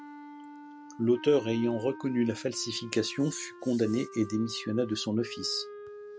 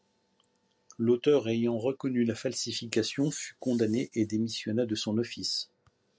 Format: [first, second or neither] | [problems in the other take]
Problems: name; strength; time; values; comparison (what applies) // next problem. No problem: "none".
second | background sound (Wind instrument, woodwind instrument); 15 dB below the speech